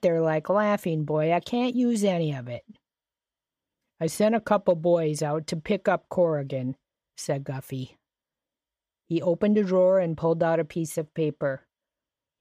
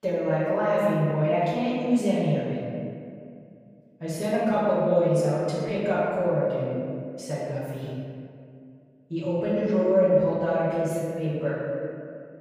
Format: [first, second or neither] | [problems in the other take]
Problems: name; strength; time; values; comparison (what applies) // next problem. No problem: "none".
first | room echo; strong; dies away in 2.2 s // off-mic speech; far